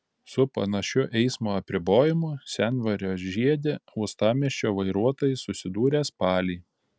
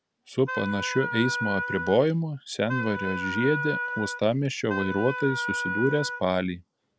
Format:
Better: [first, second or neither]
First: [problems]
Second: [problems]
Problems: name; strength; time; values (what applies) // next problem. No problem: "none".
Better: first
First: none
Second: background sound (Wind instrument, woodwind instrument); 5 dB below the speech